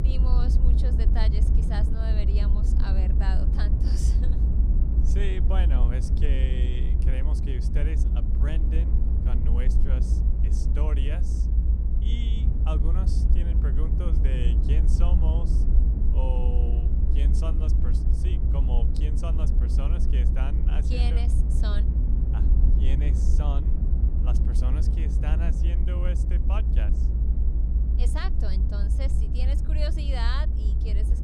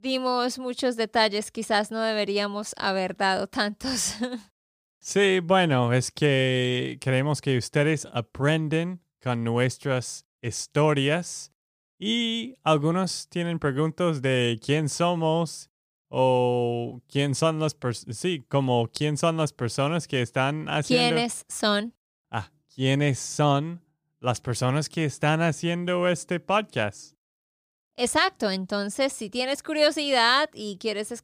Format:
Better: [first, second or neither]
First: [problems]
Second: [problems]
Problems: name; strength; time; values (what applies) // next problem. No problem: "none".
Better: second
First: low rumble; loud; throughout; 2 dB below the speech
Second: none